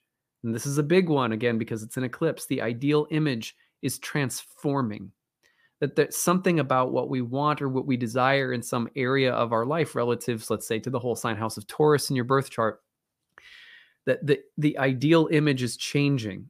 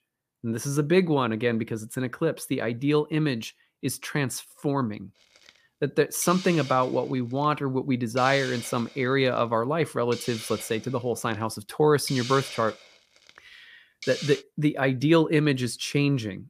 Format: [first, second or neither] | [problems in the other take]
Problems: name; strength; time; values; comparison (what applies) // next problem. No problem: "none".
first | hiss; noticeable; from 5 to 14 s; 10 dB below the speech